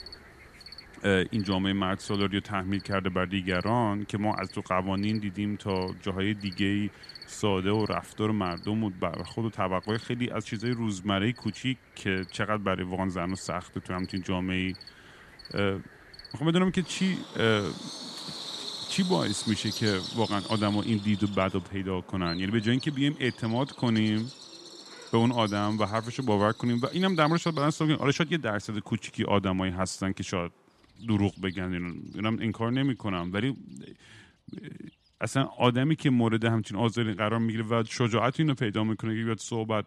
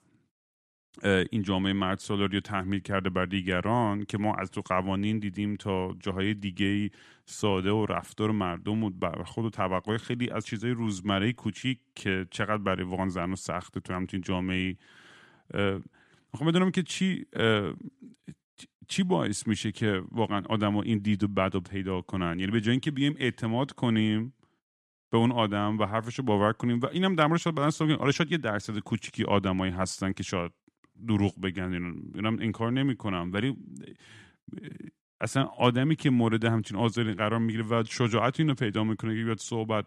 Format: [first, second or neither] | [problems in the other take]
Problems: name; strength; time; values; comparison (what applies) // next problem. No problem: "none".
second | animal sounds; noticeable; throughout; 15 dB below the speech